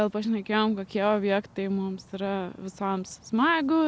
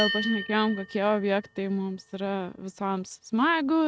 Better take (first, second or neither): first